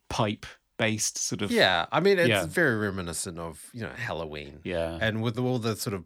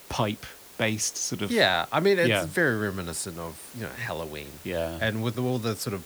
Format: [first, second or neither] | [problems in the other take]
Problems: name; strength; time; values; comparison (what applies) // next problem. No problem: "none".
first | hiss; noticeable; throughout; 20 dB below the speech